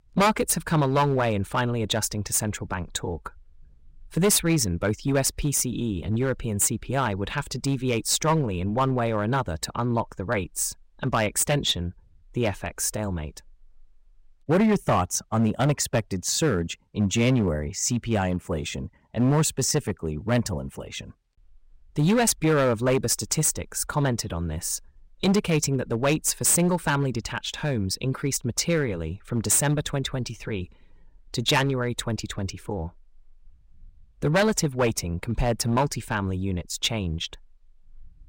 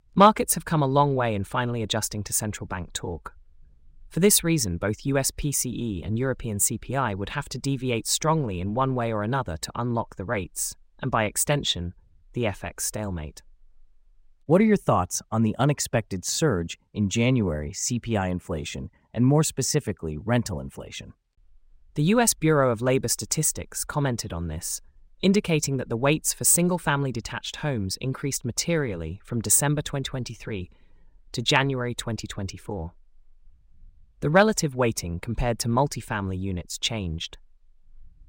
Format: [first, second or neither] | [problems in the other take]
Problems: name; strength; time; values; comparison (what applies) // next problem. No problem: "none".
second | distortion; slight; 4% of the sound clipped